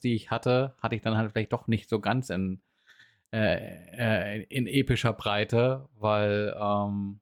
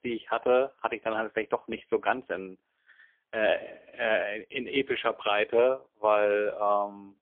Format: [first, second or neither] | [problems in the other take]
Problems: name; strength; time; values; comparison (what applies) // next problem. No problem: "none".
first | phone-call audio; poor line; nothing above 3.5 kHz